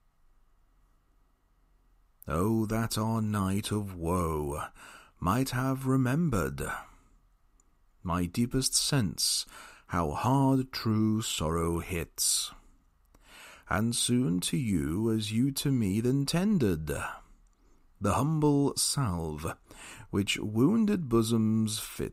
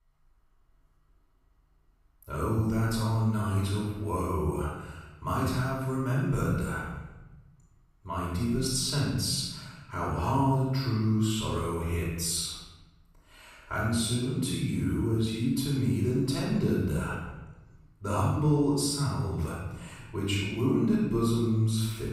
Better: first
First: none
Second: off-mic speech; far // room echo; strong; dies away in 1.1 s

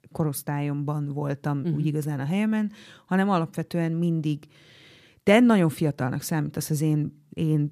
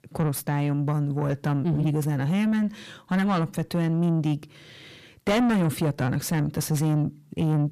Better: first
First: none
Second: distortion; heavy; 7 dB below the speech

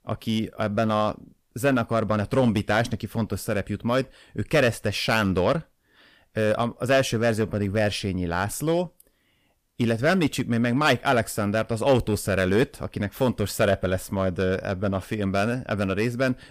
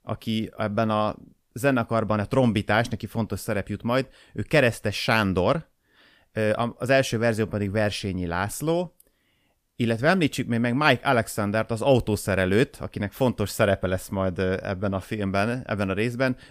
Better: second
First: distortion; slight; 3% of the sound clipped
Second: none

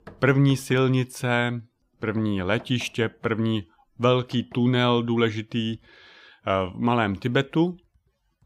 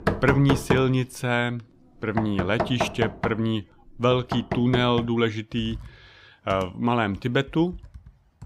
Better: first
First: household noises; faint; throughout; 25 dB below the speech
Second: household noises; loud; throughout; 6 dB below the speech

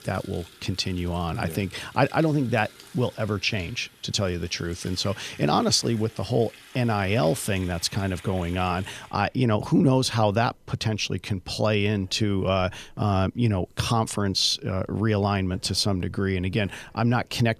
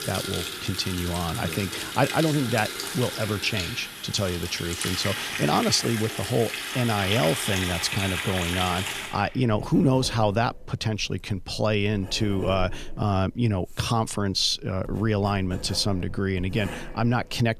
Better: first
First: household noises; faint; throughout; 20 dB below the speech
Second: household noises; loud; throughout; 5 dB below the speech

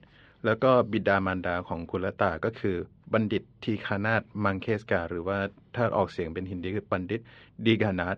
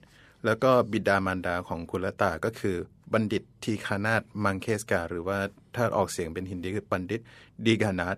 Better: second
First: muffled; slightly; fading above 3.5 kHz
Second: none

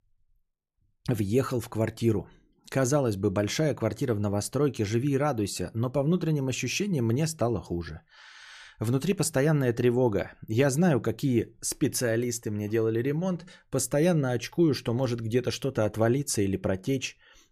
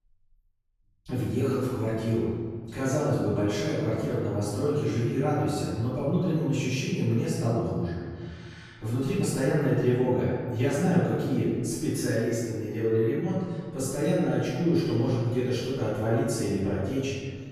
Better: first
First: none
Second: off-mic speech; far // room echo; strong; dies away in 1.7 s

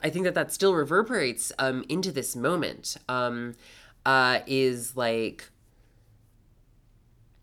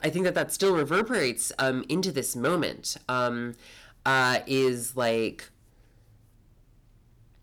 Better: first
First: none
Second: distortion; slight; 4% of the sound clipped

